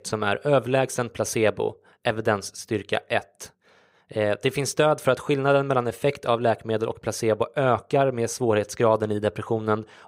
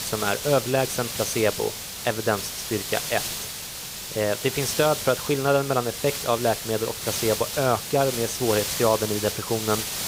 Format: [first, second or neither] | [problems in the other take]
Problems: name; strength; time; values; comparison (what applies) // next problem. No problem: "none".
first | hiss; loud; throughout; 4 dB below the speech